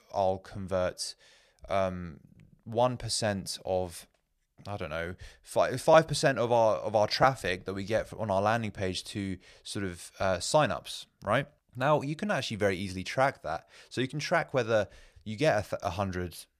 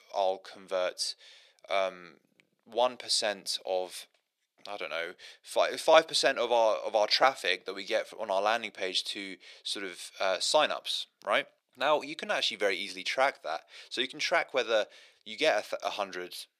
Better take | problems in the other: first | thin; somewhat; fading below 350 Hz

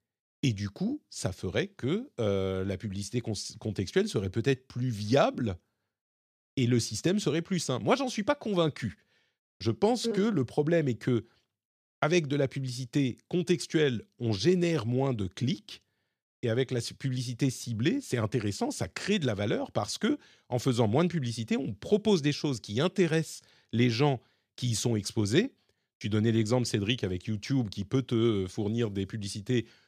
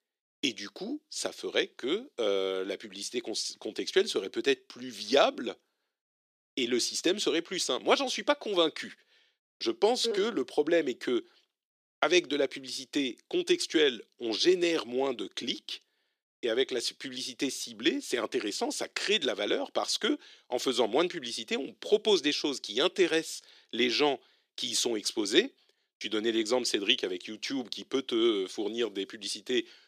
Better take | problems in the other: first | thin; somewhat; fading below 300 Hz

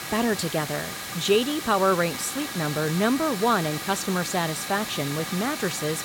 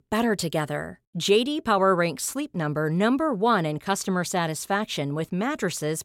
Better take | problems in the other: second | hiss; loud; throughout; 6 dB below the speech

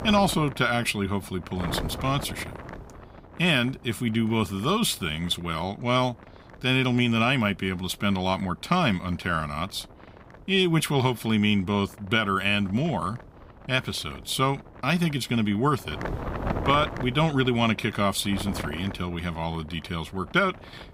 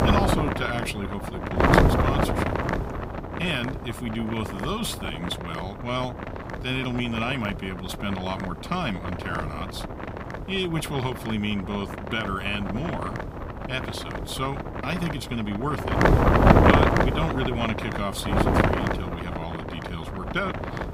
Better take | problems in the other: first | wind noise on the microphone; heavy; 4 dB above the speech; occasional gusts in the first

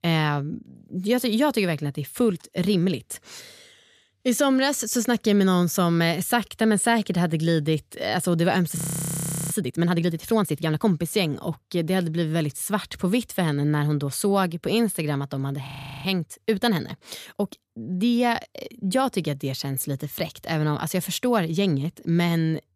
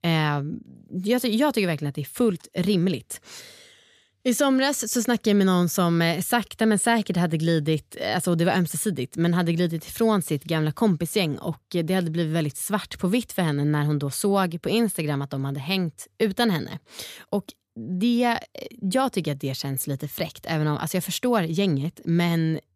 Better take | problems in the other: second | audio freezing; at 9 s for 0.5 s and at 16 s

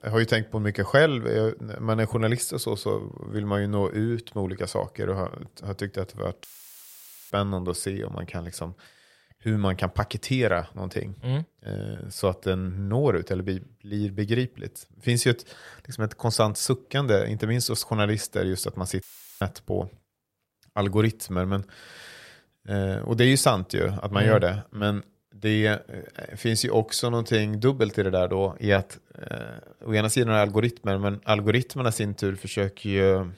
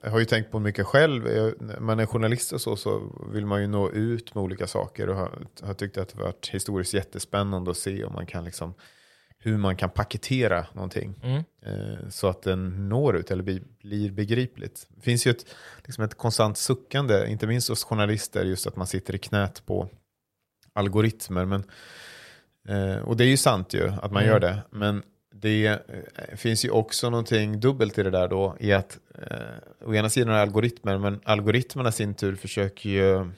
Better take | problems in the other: second | audio cutting out; filled with static; at 6.5 s for 1 s and at 19 s

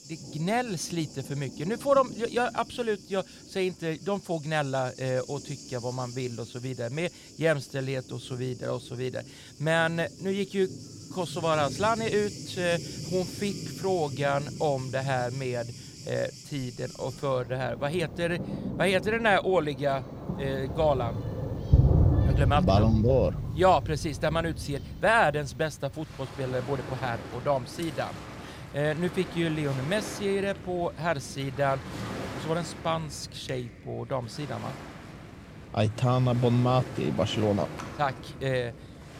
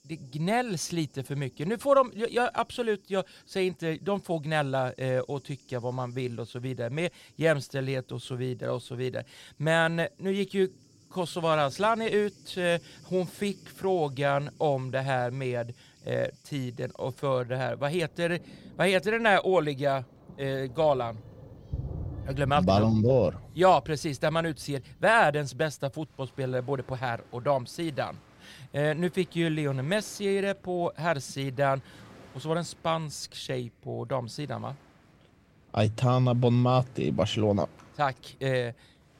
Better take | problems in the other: second | rain or running water; loud; throughout; 7 dB below the speech; faint in the second

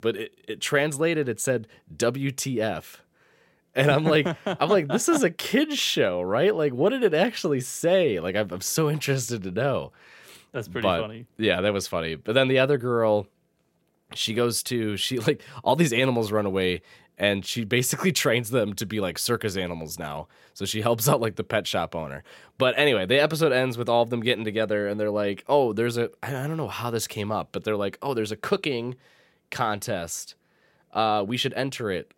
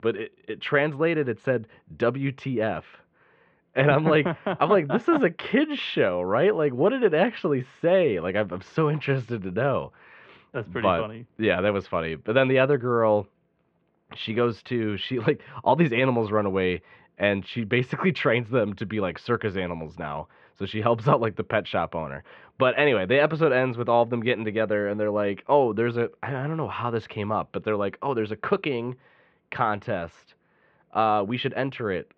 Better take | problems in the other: first | muffled; very; fading above 3 kHz

